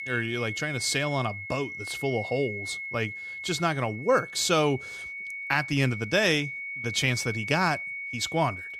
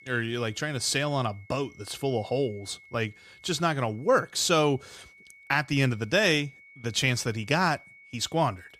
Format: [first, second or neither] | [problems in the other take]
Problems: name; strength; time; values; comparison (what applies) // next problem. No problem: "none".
second | high-pitched whine; loud; throughout; 2 kHz, 7 dB below the speech; faint in the second